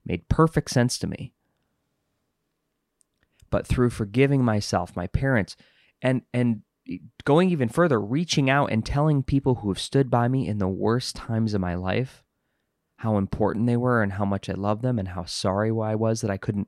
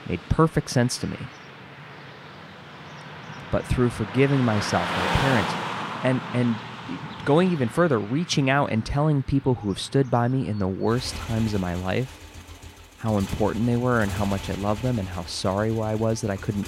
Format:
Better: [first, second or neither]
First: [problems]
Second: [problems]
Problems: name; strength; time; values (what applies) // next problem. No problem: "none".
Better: first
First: none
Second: traffic noise; loud; throughout; 10 dB below the speech